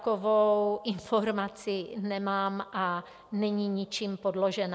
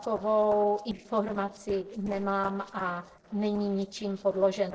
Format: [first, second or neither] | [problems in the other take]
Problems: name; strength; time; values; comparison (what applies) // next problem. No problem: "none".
first | noise reduction (neural separator model SepFormer DNS4)